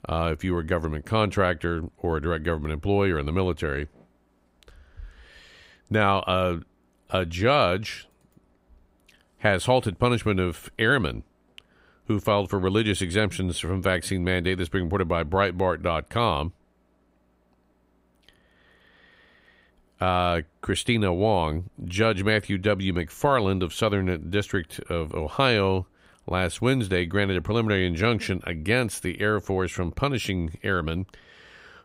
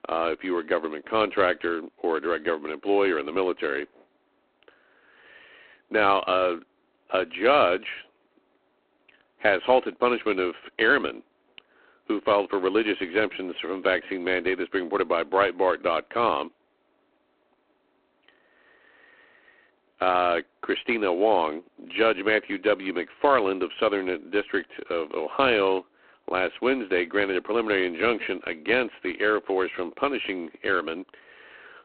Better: first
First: none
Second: phone-call audio; poor line

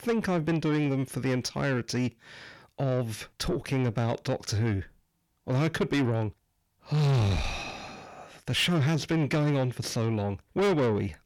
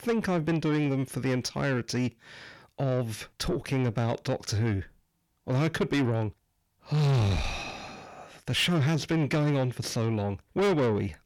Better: neither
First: distortion; heavy; 8 dB below the speech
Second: distortion; heavy; 8 dB below the speech

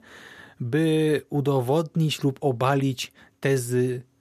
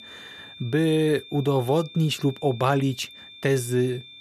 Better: first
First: none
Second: high-pitched whine; noticeable; throughout; 3.5 kHz, 20 dB below the speech

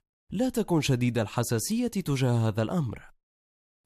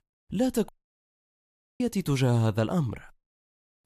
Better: first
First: none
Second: audio cutting out; at 0.5 s for 1 s

